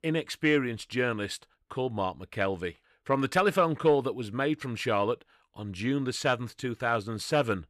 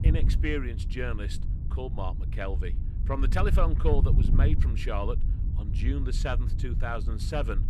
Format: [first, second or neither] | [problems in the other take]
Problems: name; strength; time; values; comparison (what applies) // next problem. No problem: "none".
first | wind noise on the microphone; heavy; 10 dB below the speech